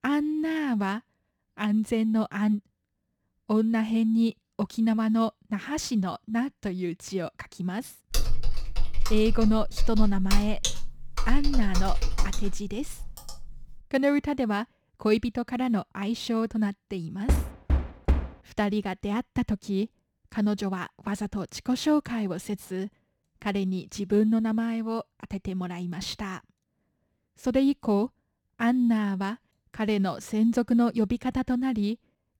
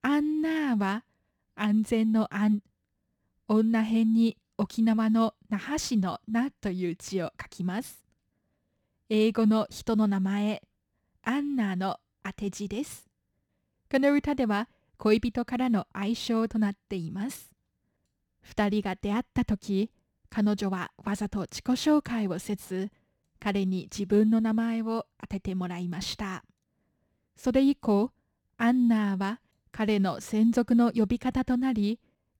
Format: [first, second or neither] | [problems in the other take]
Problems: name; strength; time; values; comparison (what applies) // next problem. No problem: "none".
second | keyboard typing; noticeable; from 8 to 13 s; peak 2 dB below the speech // door banging; loud; at 17 s; peak 1 dB above the speech